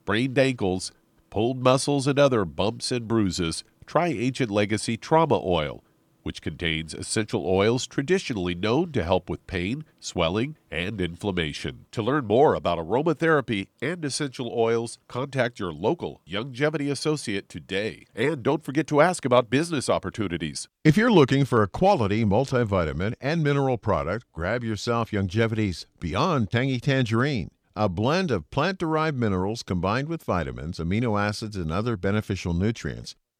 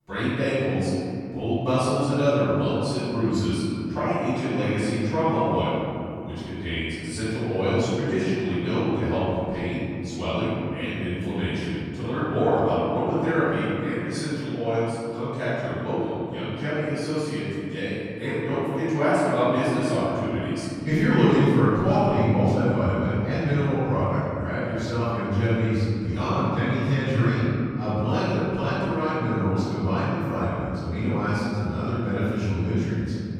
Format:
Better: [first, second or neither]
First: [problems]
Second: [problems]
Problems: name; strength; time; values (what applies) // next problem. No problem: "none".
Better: first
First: none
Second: room echo; strong; dies away in 3 s // off-mic speech; far